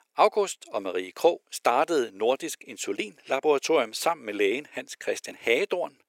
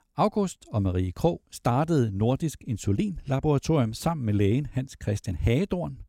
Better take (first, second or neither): second